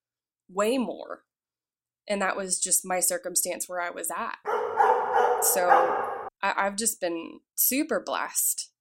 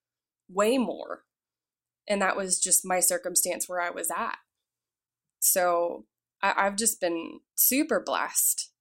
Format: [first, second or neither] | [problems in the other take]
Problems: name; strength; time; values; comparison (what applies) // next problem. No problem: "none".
second | dog barking; loud; from 4.5 to 6.5 s; peak 4 dB above the speech